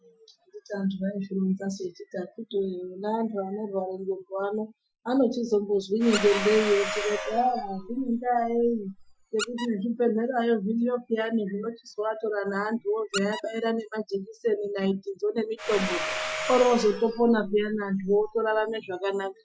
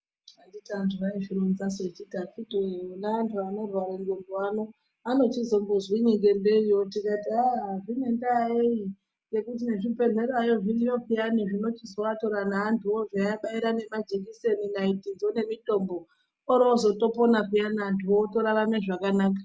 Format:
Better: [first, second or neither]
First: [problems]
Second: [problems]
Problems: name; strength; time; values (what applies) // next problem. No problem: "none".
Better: second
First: noise reduction (classical method Wiener filter)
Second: none